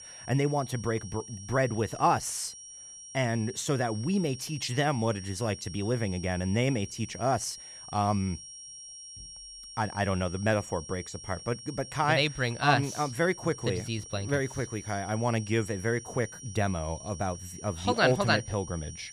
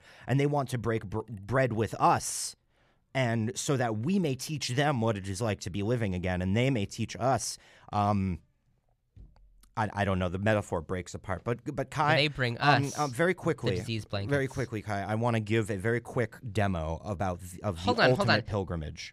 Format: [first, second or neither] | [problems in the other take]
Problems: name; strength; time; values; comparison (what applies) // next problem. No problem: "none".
second | high-pitched whine; noticeable; throughout; 5.5 kHz, 15 dB below the speech